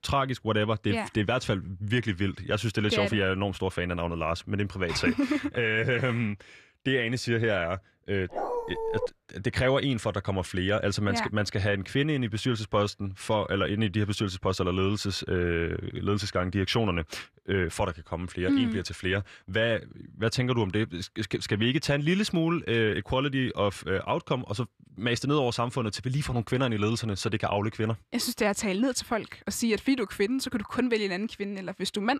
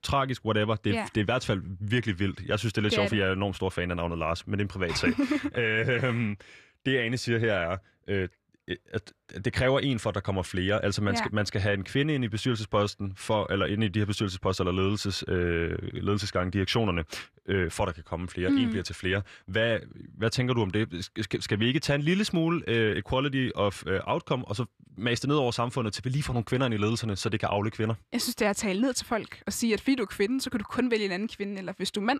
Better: second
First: dog barking; noticeable; at 8.5 s; peak 4 dB below the speech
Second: none

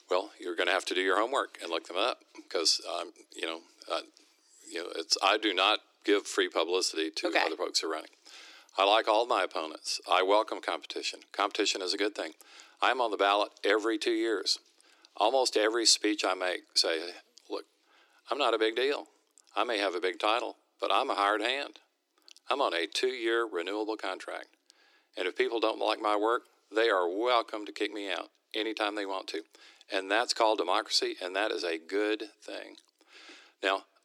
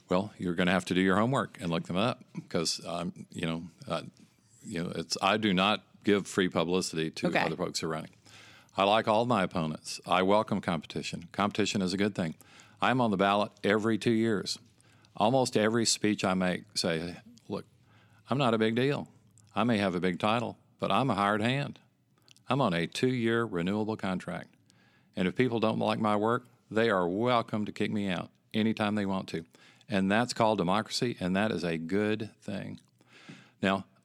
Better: second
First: thin; very; fading below 300 Hz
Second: none

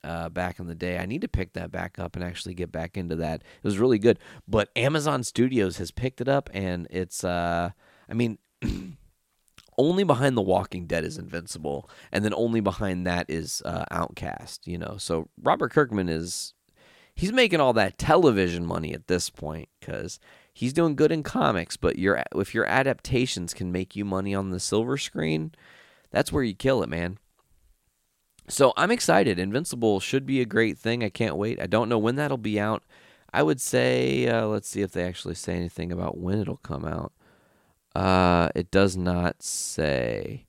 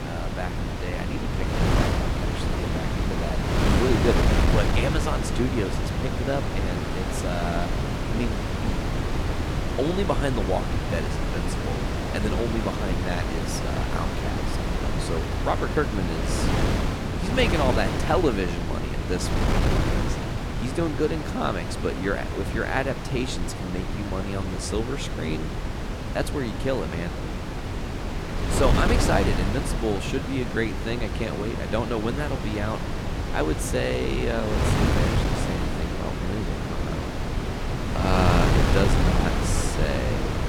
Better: first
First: none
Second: wind noise on the microphone; heavy; 1 dB below the speech

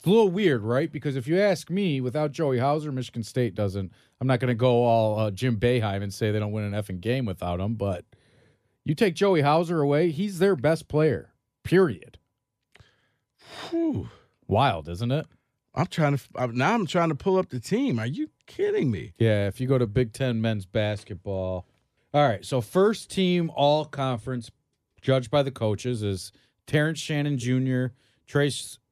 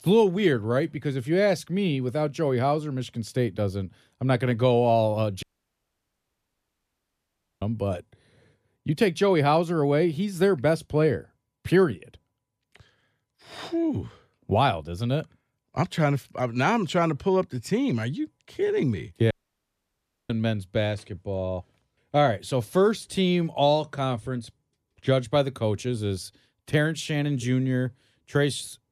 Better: first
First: none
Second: audio cutting out; at 5.5 s for 2 s and at 19 s for 1 s

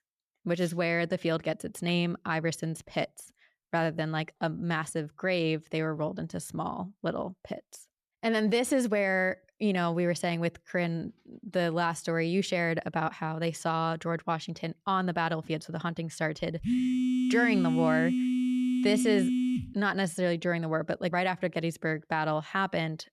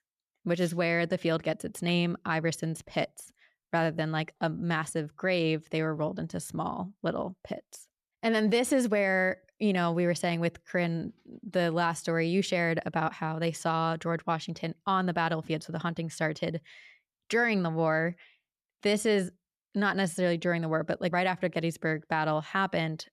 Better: second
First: phone ringing; loud; from 17 to 20 s; peak 3 dB above the speech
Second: none

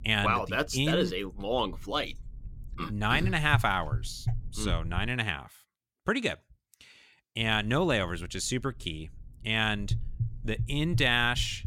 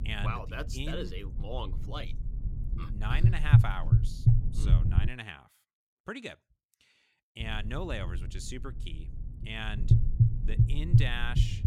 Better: first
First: low rumble; faint; until 5 s and from 7.5 s on; 20 dB below the speech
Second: low rumble; loud; until 5 s and from 7.5 s on; 1 dB below the speech

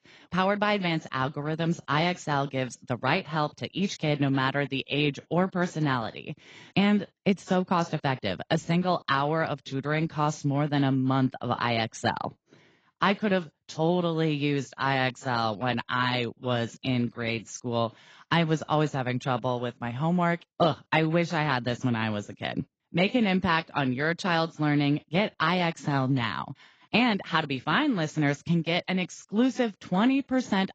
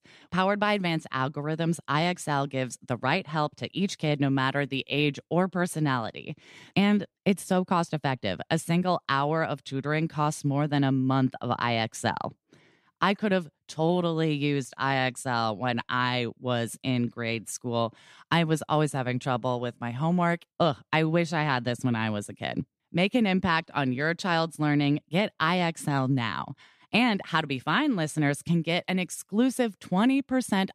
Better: second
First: garbled, watery; badly; nothing above 7.5 kHz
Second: none

